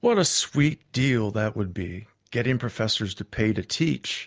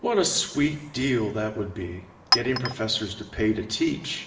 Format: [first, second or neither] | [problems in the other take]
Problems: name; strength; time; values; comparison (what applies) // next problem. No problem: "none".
first | background sound (Chink, clink); 8 dB below the speech // room echo; dies away in 0.9 s